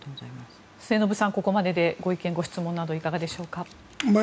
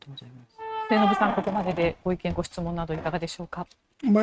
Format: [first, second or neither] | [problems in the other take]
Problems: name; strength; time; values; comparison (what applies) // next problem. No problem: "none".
first | noise reduction (neural mask model RNNoise)